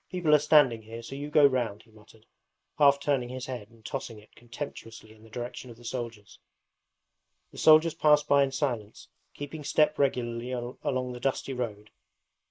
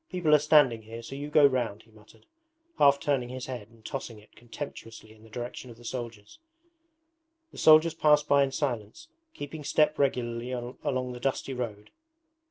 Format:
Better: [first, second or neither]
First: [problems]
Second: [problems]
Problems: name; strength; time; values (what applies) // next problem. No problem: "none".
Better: second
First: noise reduction (neural mask model Resemble Enhance denoiser)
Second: none